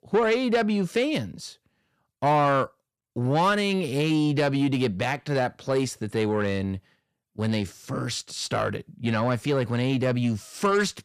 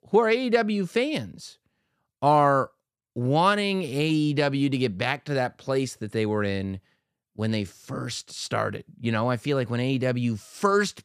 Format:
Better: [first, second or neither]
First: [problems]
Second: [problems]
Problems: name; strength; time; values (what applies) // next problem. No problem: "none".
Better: second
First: distortion; slight; 10 dB below the speech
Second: none